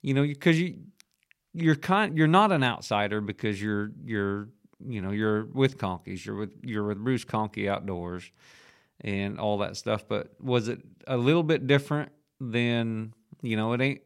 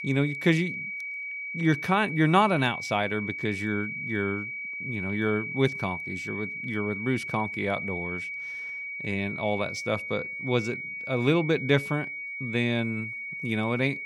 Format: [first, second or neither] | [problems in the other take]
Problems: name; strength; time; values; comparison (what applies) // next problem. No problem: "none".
first | high-pitched whine; loud; throughout; 2.5 kHz, 5 dB below the speech